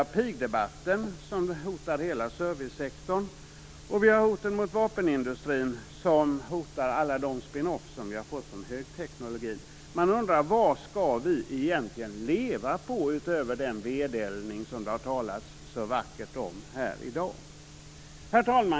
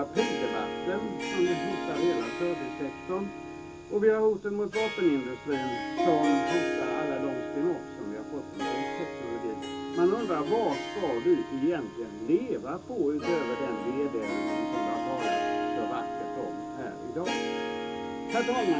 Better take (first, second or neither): first